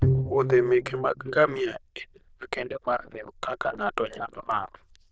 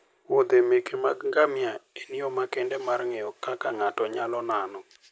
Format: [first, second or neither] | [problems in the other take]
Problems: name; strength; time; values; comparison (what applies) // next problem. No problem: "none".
second | noise reduction (neural diffusion model UNIVERSE++)